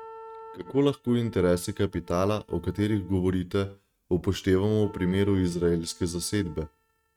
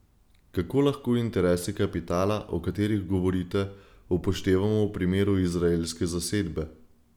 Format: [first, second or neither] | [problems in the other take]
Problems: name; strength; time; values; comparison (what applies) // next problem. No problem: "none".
second | noise reduction (neural mask model RNNoise)